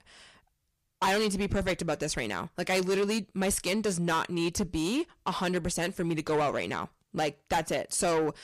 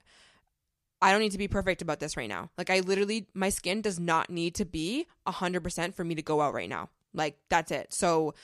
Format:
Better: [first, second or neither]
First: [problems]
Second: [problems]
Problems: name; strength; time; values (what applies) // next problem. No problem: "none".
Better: second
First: distortion; heavy; 7 dB below the speech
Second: none